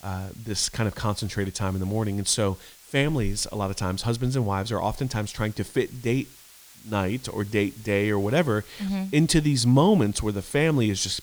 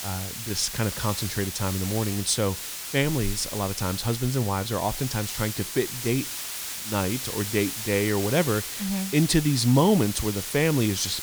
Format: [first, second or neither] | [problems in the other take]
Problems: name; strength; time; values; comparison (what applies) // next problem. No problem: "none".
first | hiss; loud; throughout; 6 dB below the speech; faint in the first